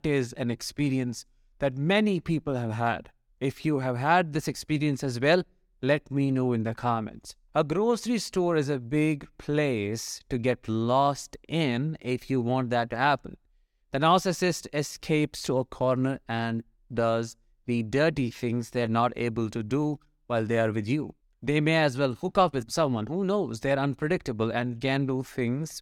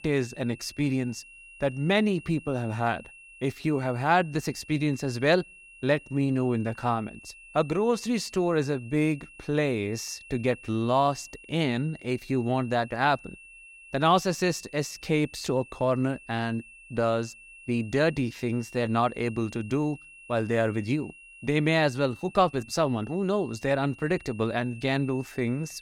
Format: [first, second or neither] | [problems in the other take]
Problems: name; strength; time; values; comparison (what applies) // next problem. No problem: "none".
first | high-pitched whine; noticeable; throughout; 2.5 kHz, 20 dB below the speech